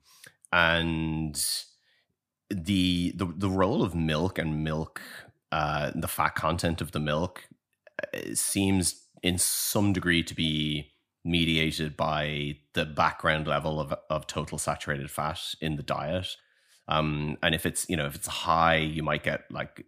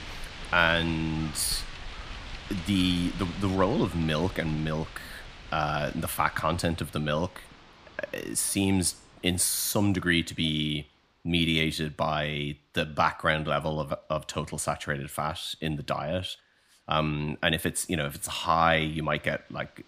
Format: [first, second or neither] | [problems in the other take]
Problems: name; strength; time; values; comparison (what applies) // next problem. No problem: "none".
first | wind in the background; noticeable; throughout; 15 dB below the speech